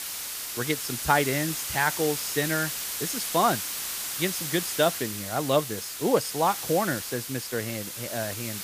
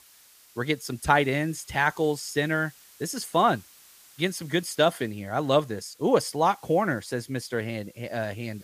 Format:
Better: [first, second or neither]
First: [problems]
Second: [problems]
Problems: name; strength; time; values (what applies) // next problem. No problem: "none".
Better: second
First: hiss; loud; throughout; 3 dB below the speech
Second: hiss; faint; throughout; 25 dB below the speech